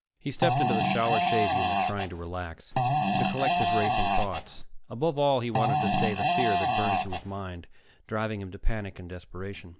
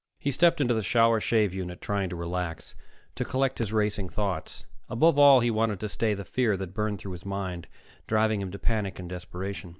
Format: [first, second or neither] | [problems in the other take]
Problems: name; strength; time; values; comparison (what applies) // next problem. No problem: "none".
second | background sound (Fart); 4 dB above the speech